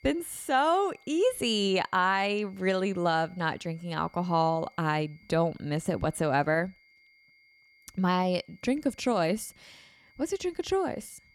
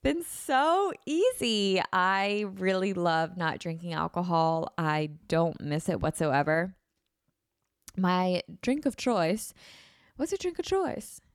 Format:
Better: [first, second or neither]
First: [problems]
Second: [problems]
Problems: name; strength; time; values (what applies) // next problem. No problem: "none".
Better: second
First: high-pitched whine; faint; throughout; 2 kHz, 30 dB below the speech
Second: none